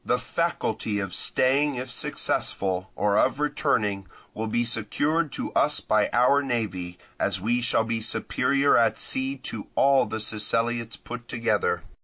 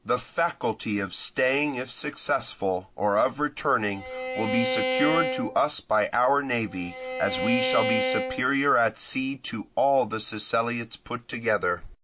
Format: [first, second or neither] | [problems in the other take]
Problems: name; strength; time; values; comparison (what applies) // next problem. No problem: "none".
first | background sound (Bowed string instrument); 2 dB below the speech